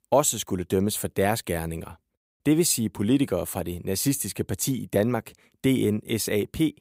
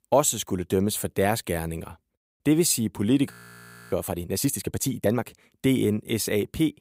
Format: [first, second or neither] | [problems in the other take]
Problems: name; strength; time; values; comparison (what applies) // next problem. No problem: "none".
first | audio freezing; at 3.5 s for 0.5 s